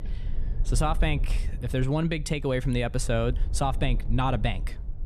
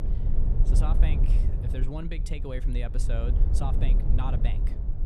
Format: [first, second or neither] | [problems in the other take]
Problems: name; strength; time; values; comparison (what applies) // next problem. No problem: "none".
first | low rumble; loud; throughout; 4 dB below the speech; faint in the first